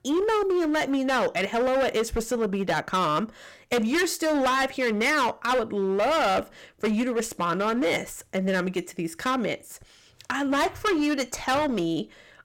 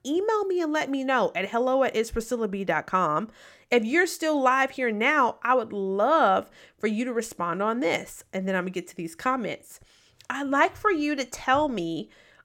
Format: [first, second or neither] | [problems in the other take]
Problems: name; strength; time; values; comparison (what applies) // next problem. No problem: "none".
second | distortion; heavy; 17% of the sound clipped